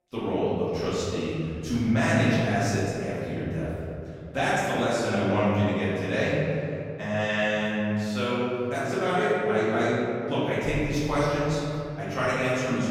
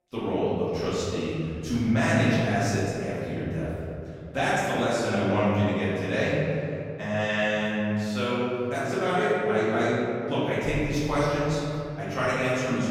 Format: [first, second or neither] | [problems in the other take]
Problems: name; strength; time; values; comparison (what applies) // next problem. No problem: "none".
neither | off-mic speech; far; the same in both // room echo; strong; dies away in 2.7 s; the same in both